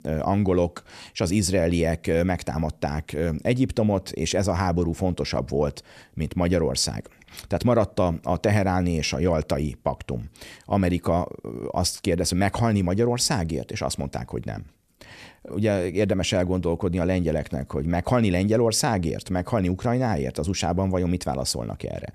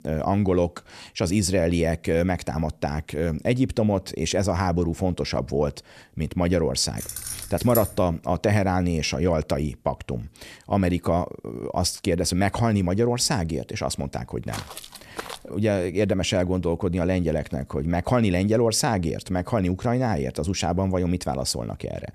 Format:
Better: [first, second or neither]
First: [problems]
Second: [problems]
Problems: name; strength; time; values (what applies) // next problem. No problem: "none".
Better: first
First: none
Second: jangling keys; noticeable; at 7 s; peak 6 dB below the speech // footsteps; faint; at 15 s; peak 10 dB below the speech